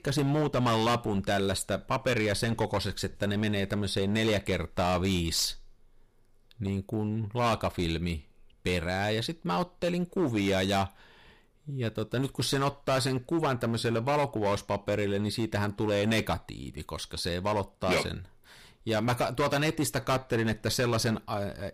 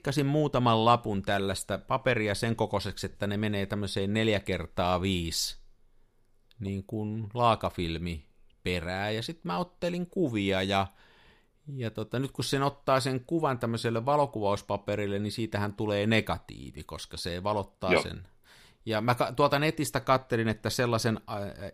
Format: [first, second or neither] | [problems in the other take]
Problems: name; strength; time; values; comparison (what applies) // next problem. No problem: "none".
second | distortion; heavy; 9% of the sound clipped